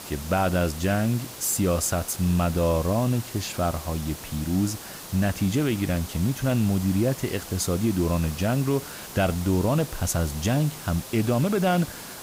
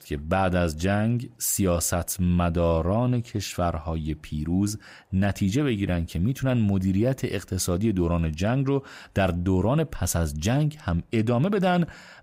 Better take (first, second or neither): second